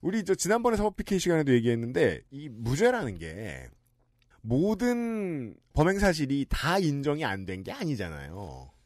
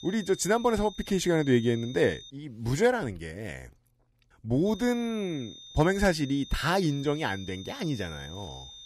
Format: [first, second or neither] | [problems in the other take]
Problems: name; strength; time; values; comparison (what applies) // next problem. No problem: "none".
first | high-pitched whine; noticeable; until 2.5 s and from 4.5 s on; 3.5 kHz, 15 dB below the speech